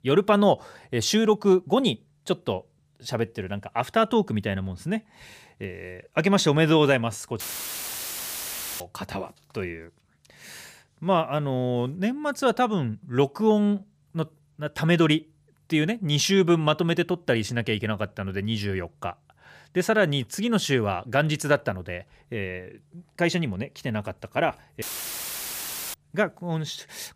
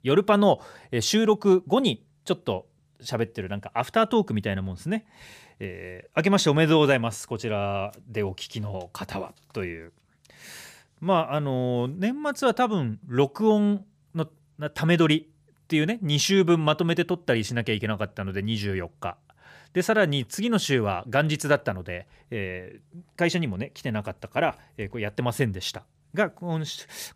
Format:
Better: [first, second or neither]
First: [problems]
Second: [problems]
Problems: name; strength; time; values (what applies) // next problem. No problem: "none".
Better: second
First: audio cutting out; filled with static; at 7.5 s for 1.5 s and at 25 s for 1 s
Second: none